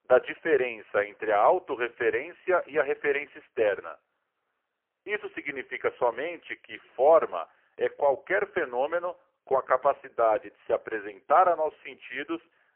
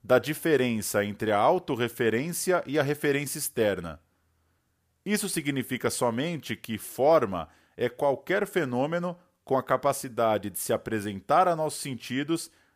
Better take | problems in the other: second | phone-call audio; poor line; nothing above 3 kHz

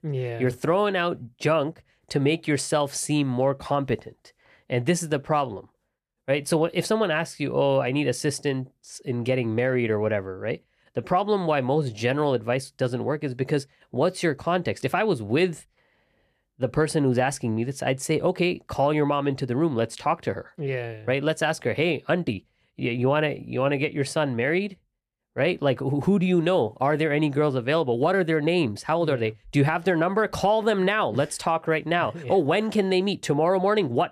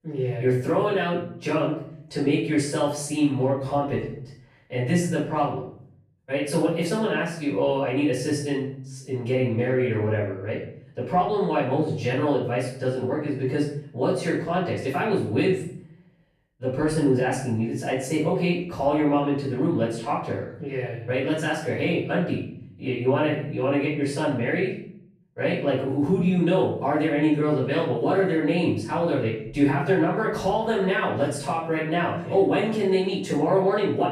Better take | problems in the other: first | off-mic speech; far // room echo; noticeable; dies away in 0.6 s

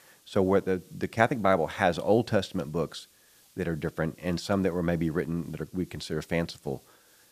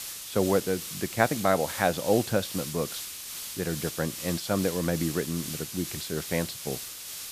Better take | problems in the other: first | hiss; loud; throughout; 6 dB below the speech; faint in the first

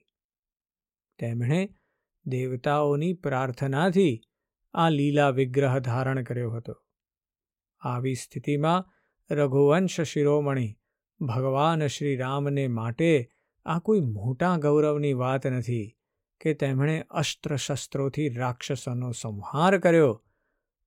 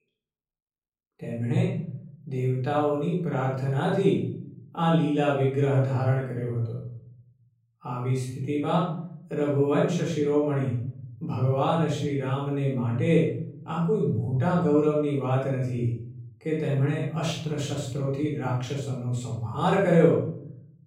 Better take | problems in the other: first | off-mic speech; far // room echo; noticeable; dies away in 0.7 s

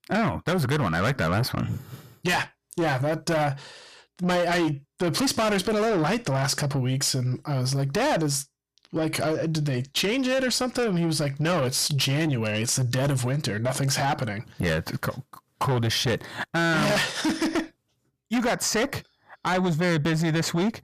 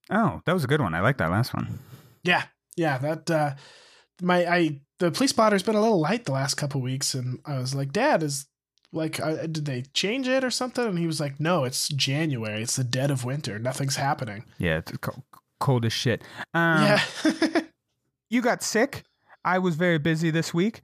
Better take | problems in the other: second | distortion; heavy; 7 dB below the speech

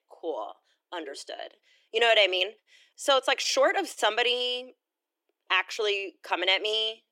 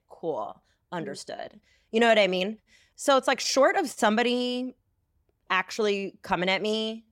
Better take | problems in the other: second | thin; very; fading below 300 Hz

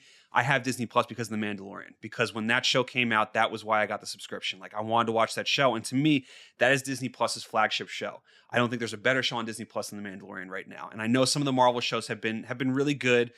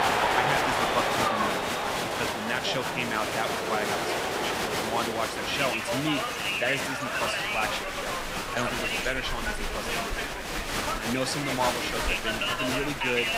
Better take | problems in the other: first | crowd noise; very loud; throughout; 4 dB above the speech

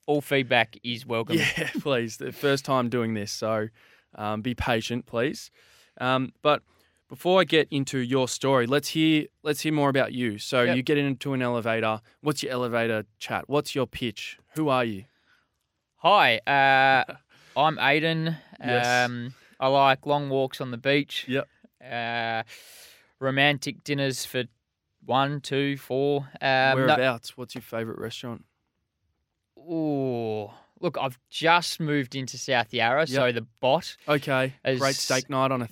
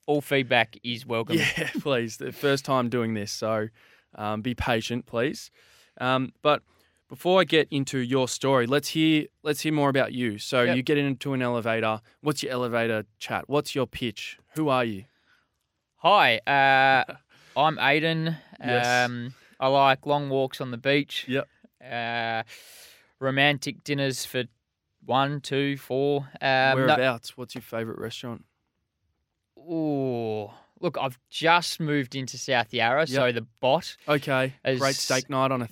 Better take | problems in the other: neither | none

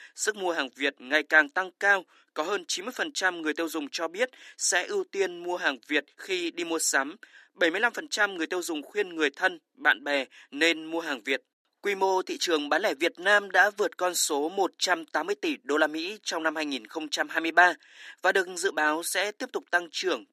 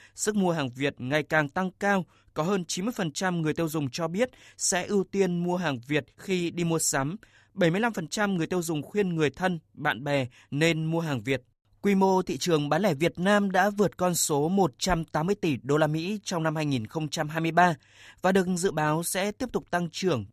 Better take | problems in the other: second | thin; somewhat; fading below 300 Hz

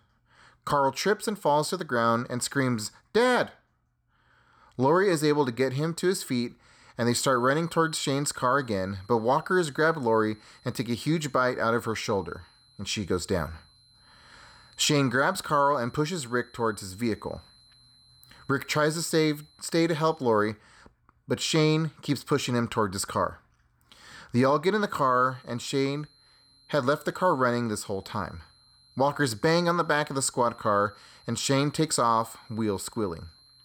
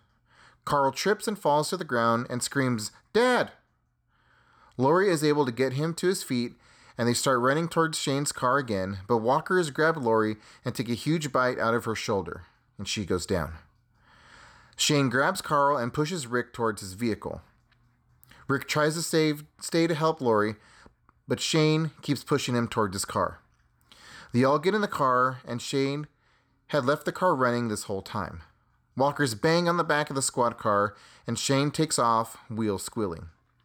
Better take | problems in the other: second | high-pitched whine; faint; from 7.5 to 20 s and from 25 s on; 4 kHz, 30 dB below the speech

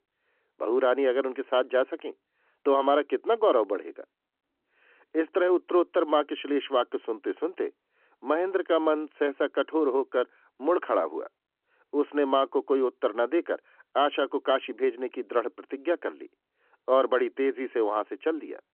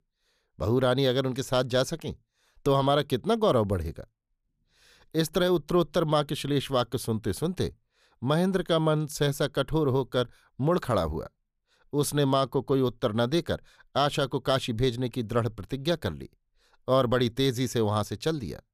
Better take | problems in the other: second | phone-call audio; nothing above 3 kHz

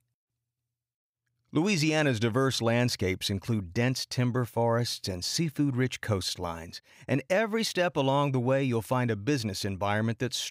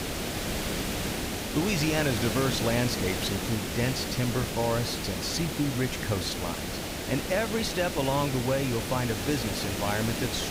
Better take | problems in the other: first | hiss; loud; throughout; 2 dB below the speech

